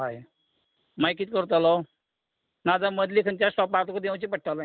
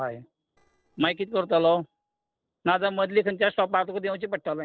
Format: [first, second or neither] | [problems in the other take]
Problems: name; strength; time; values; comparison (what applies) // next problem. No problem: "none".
first | noise reduction (neural separator model SepFormer DNS4)